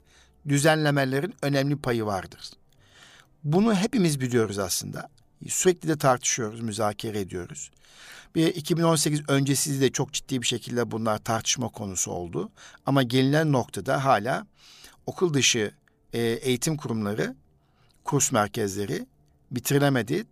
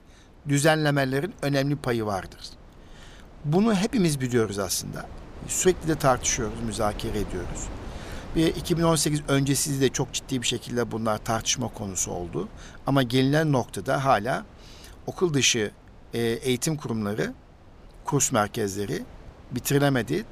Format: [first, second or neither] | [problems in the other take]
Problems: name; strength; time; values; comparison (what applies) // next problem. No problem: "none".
first | wind noise on the microphone; occasional gusts; 20 dB below the speech